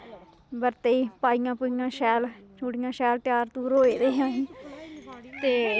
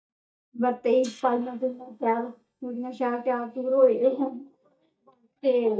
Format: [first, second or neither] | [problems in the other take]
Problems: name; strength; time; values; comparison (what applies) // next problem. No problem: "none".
first | noise reduction (neural mask model DeepFilterNet 3)